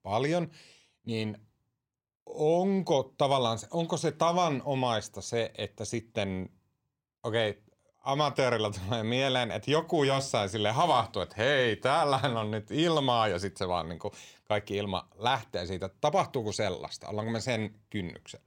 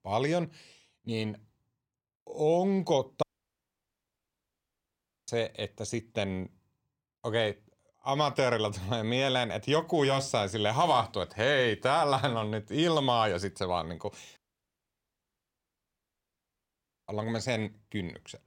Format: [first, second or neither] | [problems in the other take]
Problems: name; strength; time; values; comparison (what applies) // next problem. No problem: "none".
first | audio cutting out; at 3 s for 2 s and at 14 s for 2.5 s